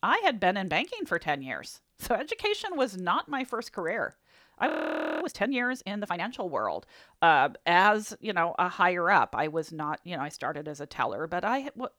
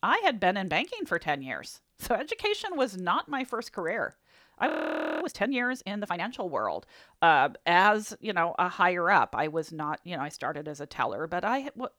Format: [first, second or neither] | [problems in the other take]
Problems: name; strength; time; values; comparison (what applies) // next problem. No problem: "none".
neither | audio freezing; at 4.5 s for 0.5 s; the same in both